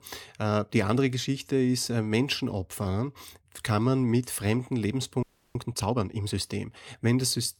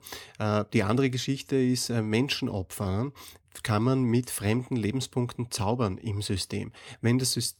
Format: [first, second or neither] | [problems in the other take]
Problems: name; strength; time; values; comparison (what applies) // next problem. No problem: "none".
second | audio freezing; at 5 s